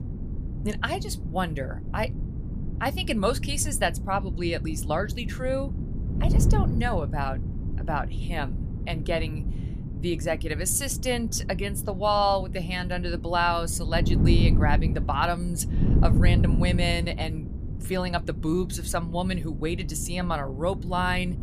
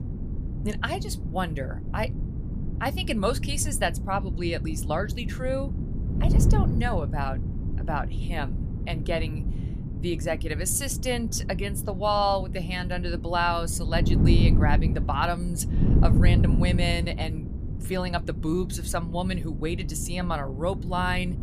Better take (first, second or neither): first